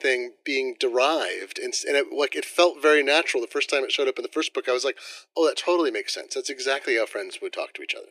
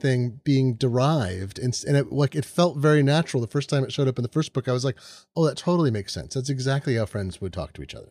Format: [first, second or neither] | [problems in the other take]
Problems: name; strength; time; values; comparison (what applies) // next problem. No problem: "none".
second | thin; very; fading below 350 Hz